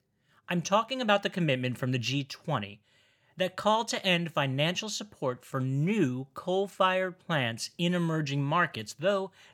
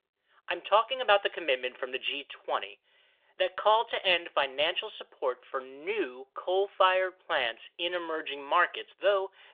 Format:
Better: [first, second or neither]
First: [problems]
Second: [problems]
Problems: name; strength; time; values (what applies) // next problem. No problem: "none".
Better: first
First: none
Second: phone-call audio